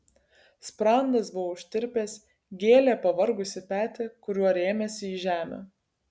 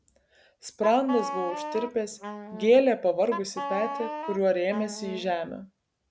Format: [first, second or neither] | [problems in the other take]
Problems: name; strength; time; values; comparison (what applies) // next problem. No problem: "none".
first | background sound (Wind instrument, woodwind instrument); 8 dB below the speech